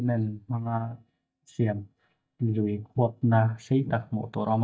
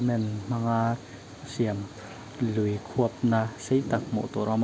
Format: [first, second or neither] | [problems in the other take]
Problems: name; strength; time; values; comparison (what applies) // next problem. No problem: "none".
second | noise reduction (neural mask model DeepFilterNet 3)